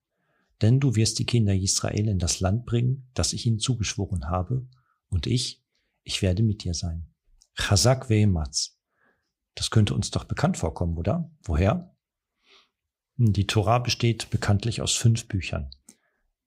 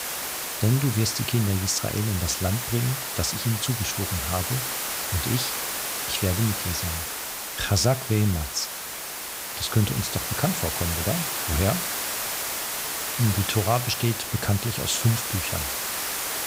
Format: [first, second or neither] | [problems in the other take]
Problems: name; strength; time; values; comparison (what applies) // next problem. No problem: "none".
first | hiss; loud; throughout; 2 dB below the speech